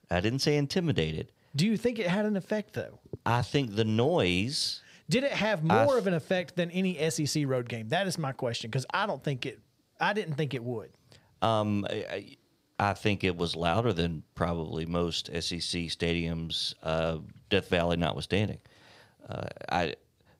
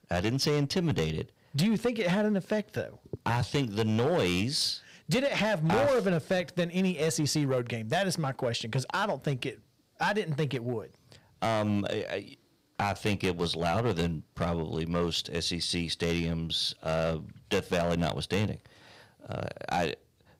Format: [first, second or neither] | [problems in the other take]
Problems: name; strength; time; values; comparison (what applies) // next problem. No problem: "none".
first | distortion; slight; 6% of the sound clipped